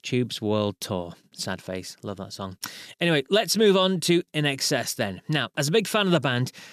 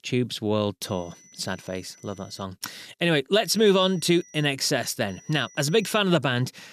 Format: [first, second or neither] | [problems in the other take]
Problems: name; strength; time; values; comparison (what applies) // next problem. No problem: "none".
first | high-pitched whine; faint; from 1 to 2.5 s, from 3.5 to 4.5 s and at 5 s; 6 kHz, 25 dB below the speech